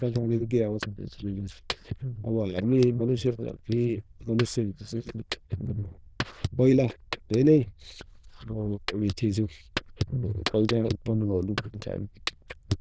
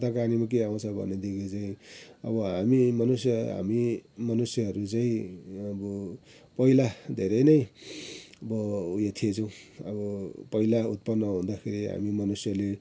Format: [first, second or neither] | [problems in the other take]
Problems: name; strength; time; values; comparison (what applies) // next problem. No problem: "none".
second | noise reduction (neural diffusion model UNIVERSE++)